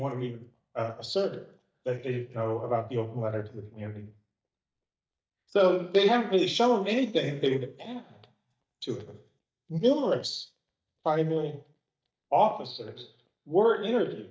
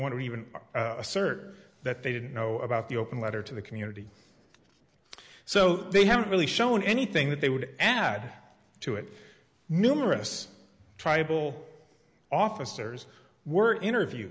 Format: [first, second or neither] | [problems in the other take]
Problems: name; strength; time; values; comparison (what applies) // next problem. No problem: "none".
second | noise reduction (neural mask model DeepFilterNet 3)